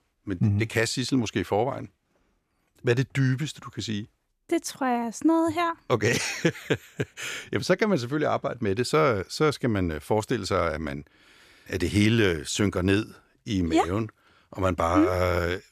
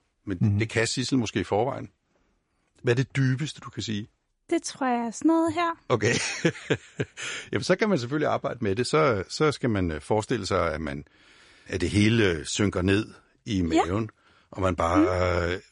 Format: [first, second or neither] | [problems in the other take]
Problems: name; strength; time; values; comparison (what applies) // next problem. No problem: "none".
first | garbled, watery; slightly; nothing above 10.5 kHz